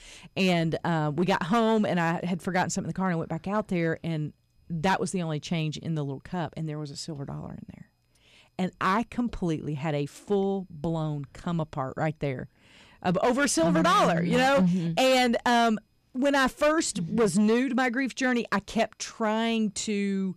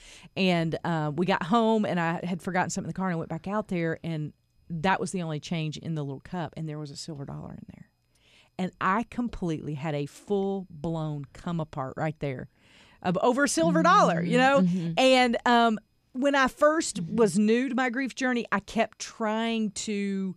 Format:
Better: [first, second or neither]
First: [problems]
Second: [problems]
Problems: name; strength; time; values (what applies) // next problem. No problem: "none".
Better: second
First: distortion; slight; 5% of the sound clipped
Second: none